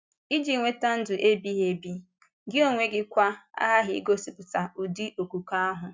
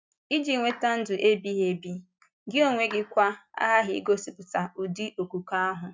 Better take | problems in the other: first | noise reduction (neural mask model RNNoise)

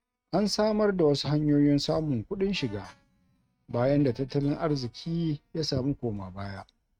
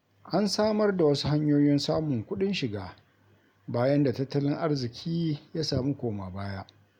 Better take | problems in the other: second | noise reduction (neural mask model RNNoise)

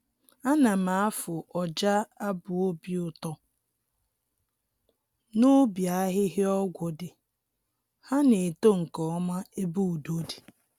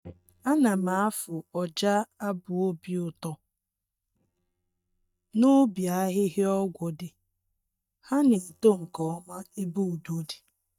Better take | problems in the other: first | noise reduction (neural mask model DeepFilterNet 3)

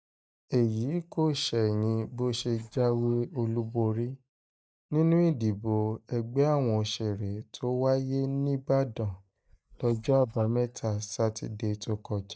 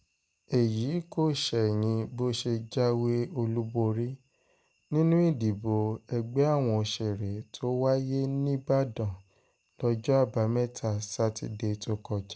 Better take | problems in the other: second | noise reduction (neural mask model DeepFilterNet 3)

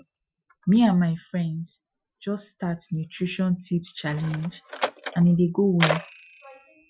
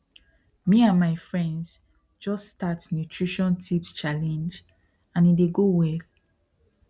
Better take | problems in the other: second | noise reduction (classical method Wiener filter)

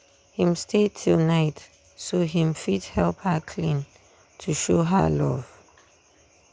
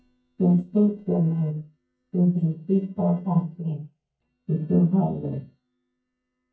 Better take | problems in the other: first | noise reduction (neural mask model DeepFilterNet 3)

